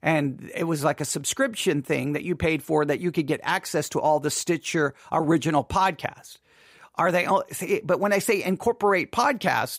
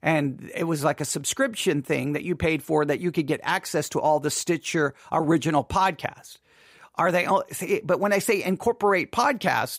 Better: neither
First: none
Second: none

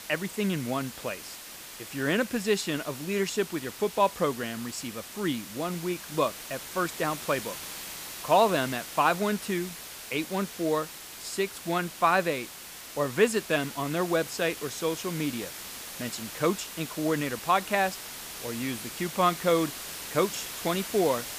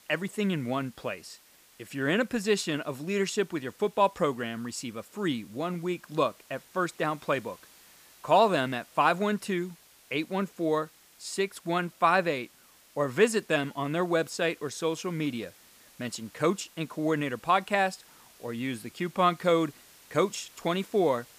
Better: second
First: hiss; loud; throughout; 10 dB below the speech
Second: hiss; faint; throughout; 25 dB below the speech

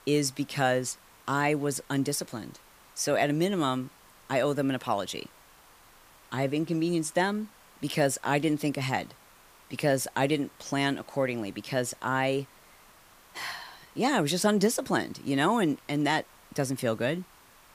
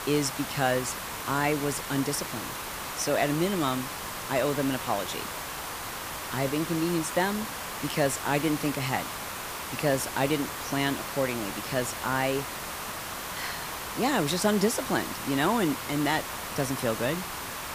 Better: first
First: hiss; faint; throughout; 25 dB below the speech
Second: hiss; loud; throughout; 5 dB below the speech

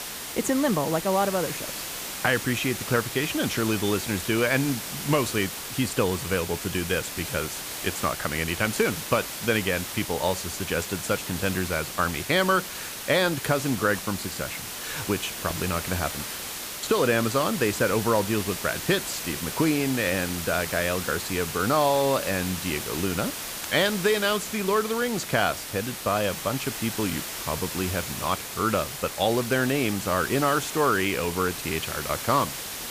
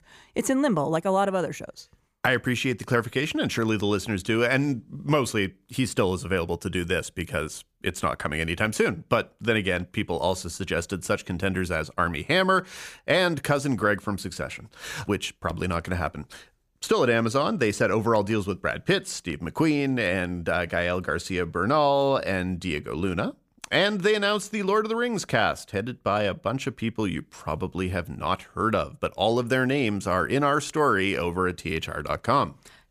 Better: second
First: hiss; loud; throughout; 6 dB below the speech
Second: none

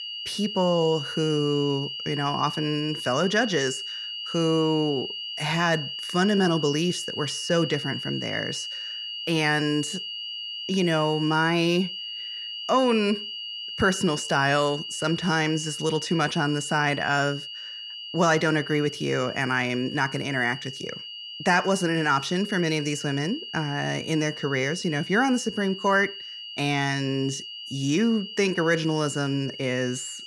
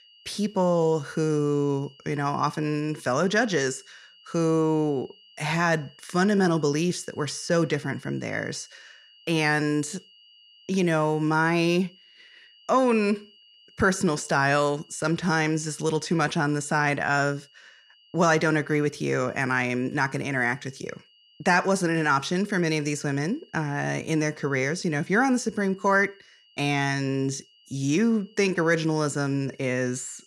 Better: second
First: high-pitched whine; loud; throughout; 3 kHz, 8 dB below the speech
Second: high-pitched whine; faint; throughout; 3 kHz, 30 dB below the speech

